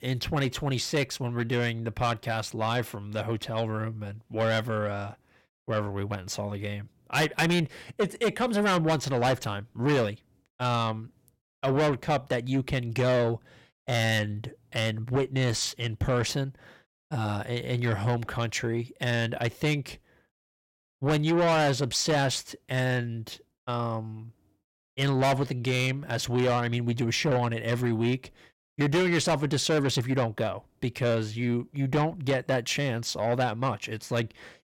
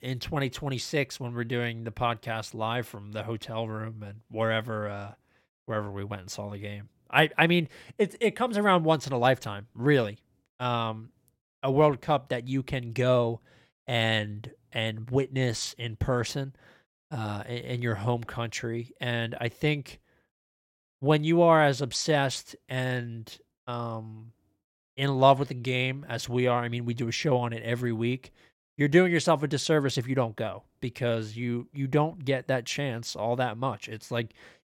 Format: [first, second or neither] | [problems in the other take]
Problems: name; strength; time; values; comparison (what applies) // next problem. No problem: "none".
second | distortion; heavy; 7 dB below the speech